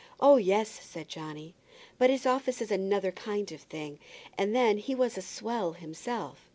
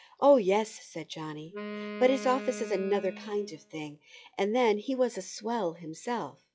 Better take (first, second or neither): first